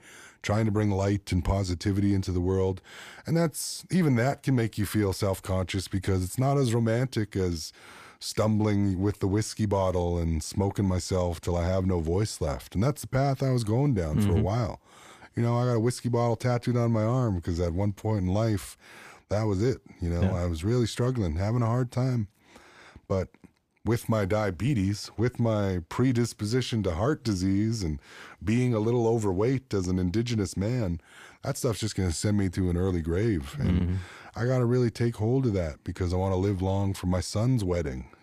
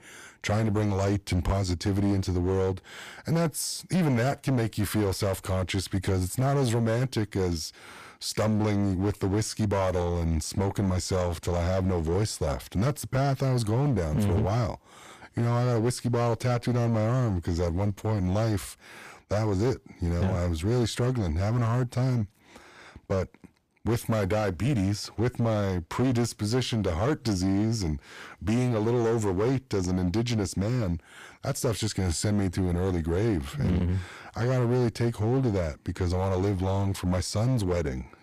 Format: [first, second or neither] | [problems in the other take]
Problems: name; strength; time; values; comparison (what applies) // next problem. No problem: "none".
first | distortion; slight; 12% of the sound clipped